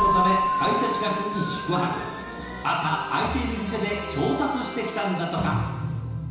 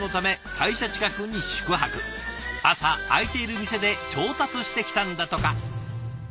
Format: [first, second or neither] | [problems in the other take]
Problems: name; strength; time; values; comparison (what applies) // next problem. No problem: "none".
second | background sound (Keyboard (musical)); 4 dB below the speech // room echo; dies away in 1 s